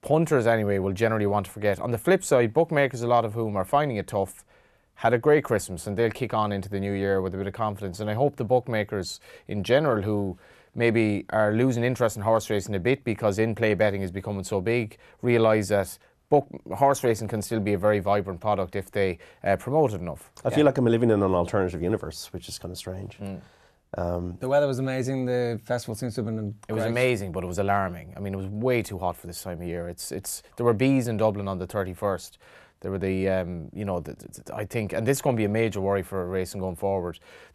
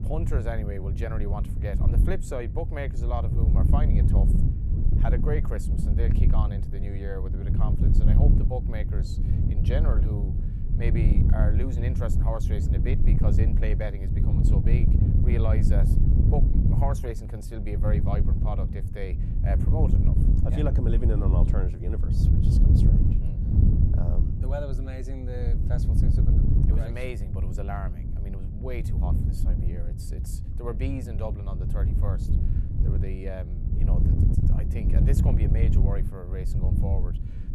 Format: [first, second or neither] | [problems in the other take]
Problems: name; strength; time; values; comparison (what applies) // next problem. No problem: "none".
first | wind noise on the microphone; heavy; 1 dB below the speech